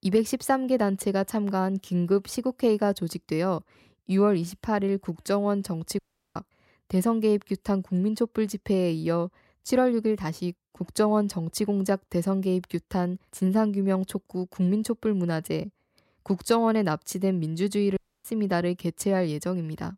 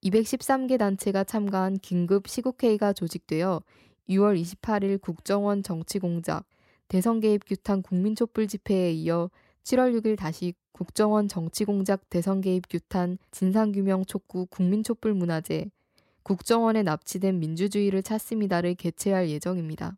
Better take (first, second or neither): second